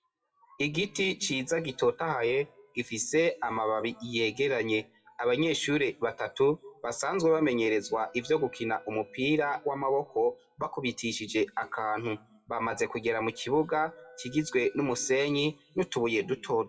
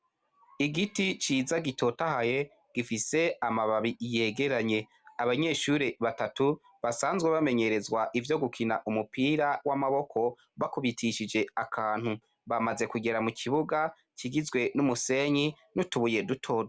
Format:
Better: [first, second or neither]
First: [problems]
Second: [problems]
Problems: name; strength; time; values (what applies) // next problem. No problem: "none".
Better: second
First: noise reduction (classical method WPE with log-MMSE)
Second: none